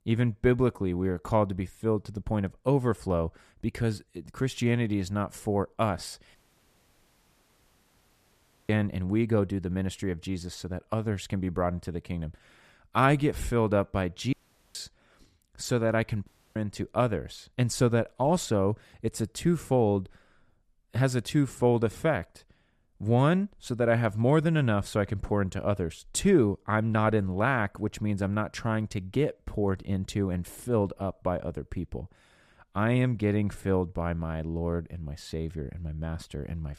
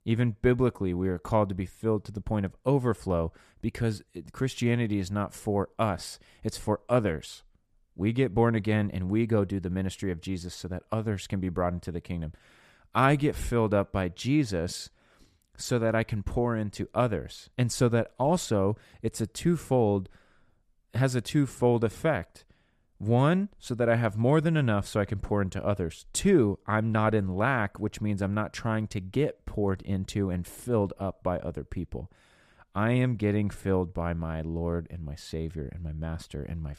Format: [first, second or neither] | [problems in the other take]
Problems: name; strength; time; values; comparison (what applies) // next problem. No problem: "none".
second | audio cutting out; at 6.5 s for 2.5 s, at 14 s and at 16 s